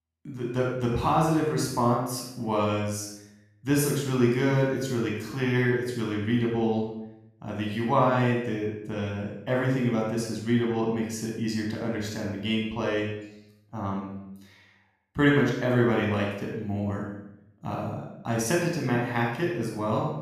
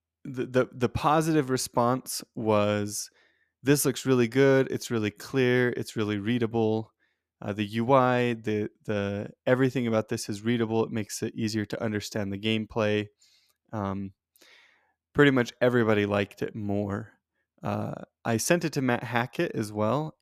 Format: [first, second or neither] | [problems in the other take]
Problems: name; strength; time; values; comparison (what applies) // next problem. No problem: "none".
second | off-mic speech; far // room echo; noticeable; dies away in 0.7 s